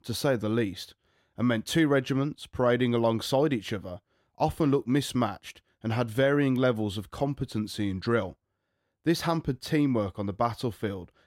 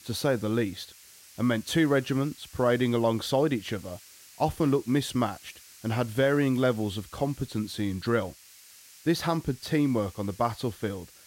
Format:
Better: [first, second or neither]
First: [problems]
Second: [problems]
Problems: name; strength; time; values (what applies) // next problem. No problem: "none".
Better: first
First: none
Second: hiss; faint; throughout; 20 dB below the speech